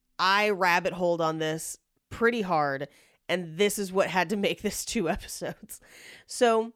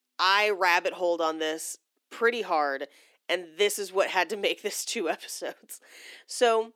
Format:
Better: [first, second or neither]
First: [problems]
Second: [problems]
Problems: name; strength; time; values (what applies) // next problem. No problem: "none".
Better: first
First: none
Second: thin; somewhat; fading below 300 Hz